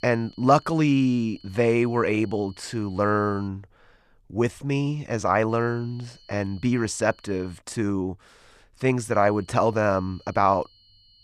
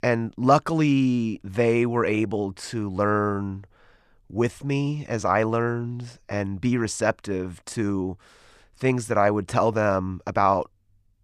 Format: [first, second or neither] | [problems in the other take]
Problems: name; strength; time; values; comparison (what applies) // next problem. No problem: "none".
second | high-pitched whine; faint; until 3.5 s, from 5.5 to 7.5 s and from 9 s on; 4.5 kHz, 30 dB below the speech